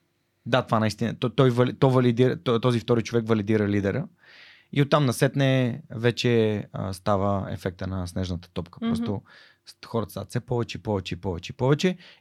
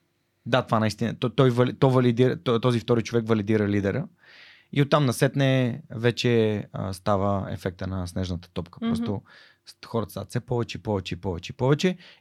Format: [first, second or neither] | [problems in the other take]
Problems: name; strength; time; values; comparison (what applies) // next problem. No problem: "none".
neither | none